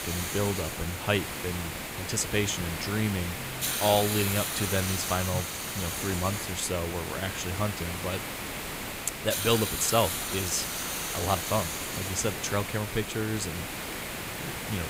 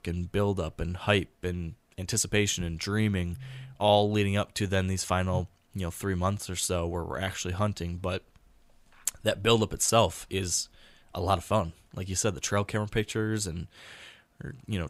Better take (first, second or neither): second